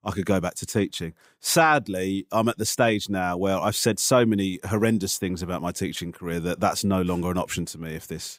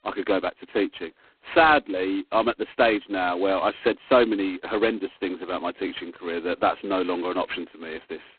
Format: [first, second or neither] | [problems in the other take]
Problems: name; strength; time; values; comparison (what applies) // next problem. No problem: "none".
first | phone-call audio; poor line; nothing above 4 kHz